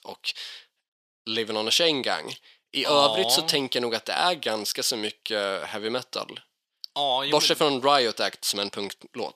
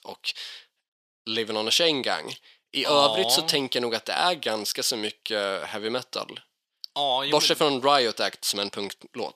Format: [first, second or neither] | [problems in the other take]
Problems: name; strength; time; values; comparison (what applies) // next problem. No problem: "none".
neither | thin; somewhat; fading below 1 kHz; the same in both